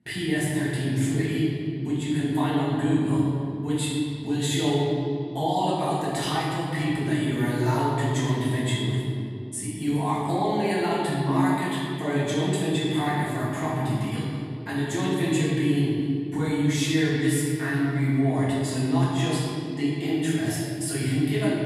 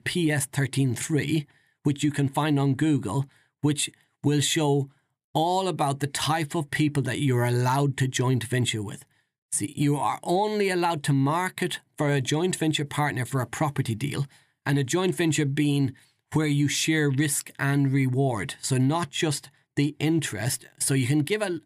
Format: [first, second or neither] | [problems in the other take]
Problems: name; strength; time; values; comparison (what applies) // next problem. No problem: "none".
second | off-mic speech; far // room echo; strong; dies away in 2.5 s